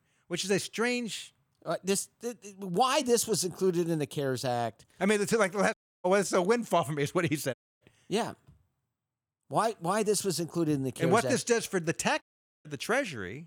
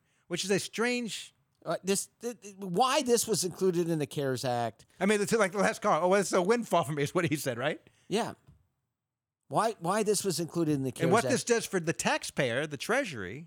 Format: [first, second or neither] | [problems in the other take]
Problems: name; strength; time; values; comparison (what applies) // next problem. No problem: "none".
second | audio cutting out; at 5.5 s, at 7.5 s and at 12 s